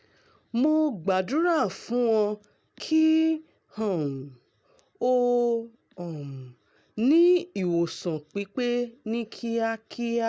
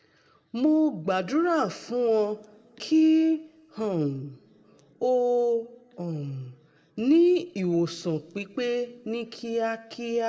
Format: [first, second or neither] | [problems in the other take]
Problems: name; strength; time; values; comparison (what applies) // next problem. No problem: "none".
first | room echo; dies away in 1.5 s